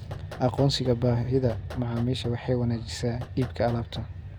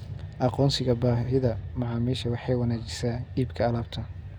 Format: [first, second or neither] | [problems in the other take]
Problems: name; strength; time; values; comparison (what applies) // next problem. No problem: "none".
second | background sound (Knock); 19 dB below the speech